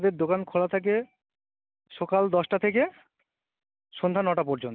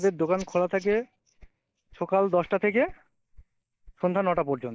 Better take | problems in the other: first | noise reduction (neural mask model DeepFilterNet 3)

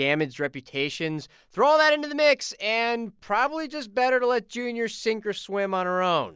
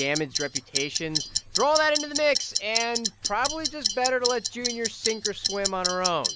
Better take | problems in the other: first | background sound (Clock); 3 dB below the speech

